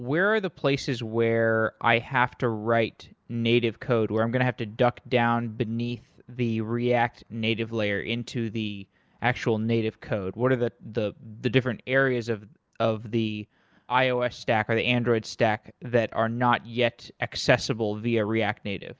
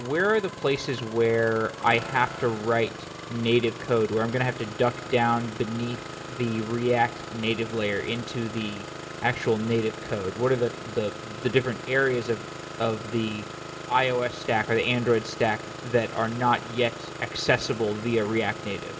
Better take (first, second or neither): first